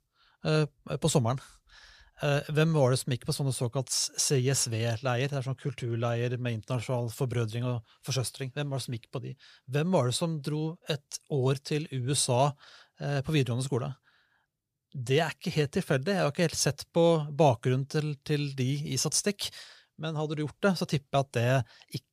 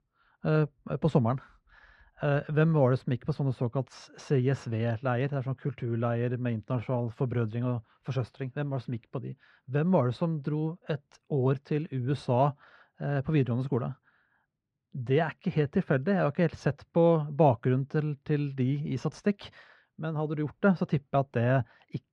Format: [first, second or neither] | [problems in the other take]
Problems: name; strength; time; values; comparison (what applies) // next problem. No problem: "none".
first | muffled; very; fading above 1.5 kHz